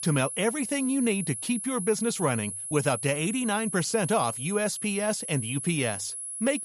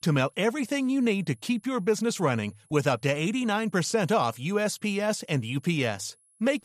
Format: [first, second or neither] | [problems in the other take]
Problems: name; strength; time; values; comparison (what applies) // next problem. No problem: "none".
second | high-pitched whine; loud; throughout; 10.5 kHz, 5 dB below the speech; faint in the second